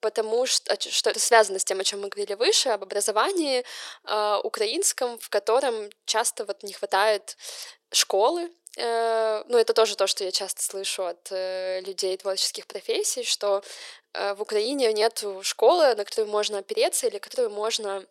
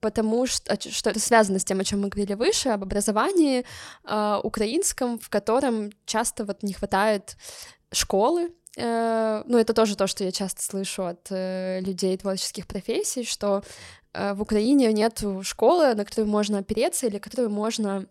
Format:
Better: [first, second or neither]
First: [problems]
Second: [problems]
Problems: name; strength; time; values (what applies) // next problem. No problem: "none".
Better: second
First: thin; very; fading below 400 Hz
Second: none